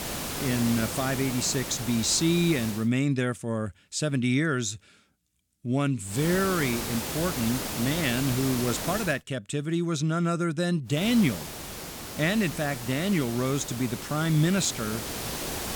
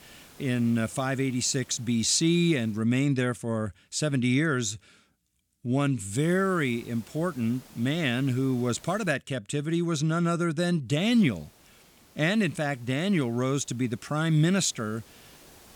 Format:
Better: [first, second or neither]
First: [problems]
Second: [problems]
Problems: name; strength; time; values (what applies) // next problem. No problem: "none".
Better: second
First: hiss; loud; until 3 s, from 6 to 9 s and from 11 s on; 6 dB below the speech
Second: hiss; faint; until 3 s, from 6 to 9 s and from 11 s on; 25 dB below the speech